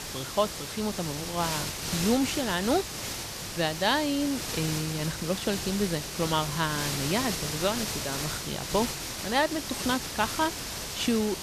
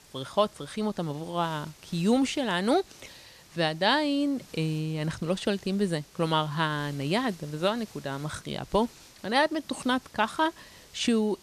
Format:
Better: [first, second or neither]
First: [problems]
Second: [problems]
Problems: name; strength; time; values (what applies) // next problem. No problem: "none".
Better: second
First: hiss; loud; throughout; 3 dB below the speech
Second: hiss; faint; throughout; 25 dB below the speech